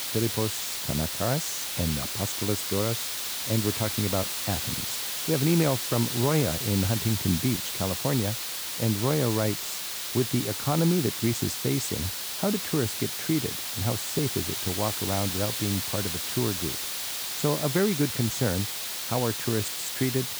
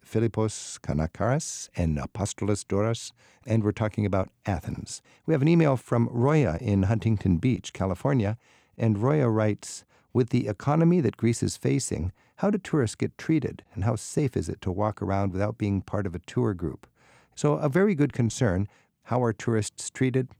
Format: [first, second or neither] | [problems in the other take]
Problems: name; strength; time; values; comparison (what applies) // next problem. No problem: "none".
second | hiss; loud; throughout; 1 dB below the speech